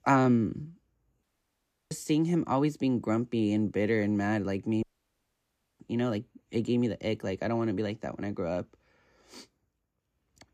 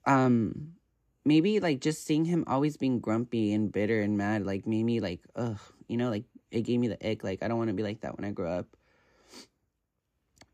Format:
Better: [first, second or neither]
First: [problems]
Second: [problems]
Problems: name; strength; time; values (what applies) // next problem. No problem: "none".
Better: second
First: audio cutting out; at 1 s for 0.5 s and at 5 s for 1 s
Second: none